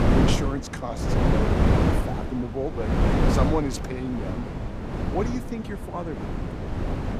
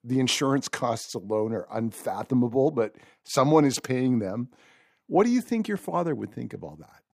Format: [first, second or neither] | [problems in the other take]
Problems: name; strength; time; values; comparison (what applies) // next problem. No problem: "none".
second | wind noise on the microphone; heavy; 2 dB above the speech